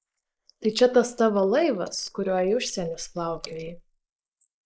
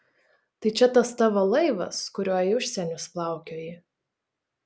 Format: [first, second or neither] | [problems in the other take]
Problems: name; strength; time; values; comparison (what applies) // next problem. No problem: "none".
second | noise reduction (neural mask model Resemble Enhance denoiser)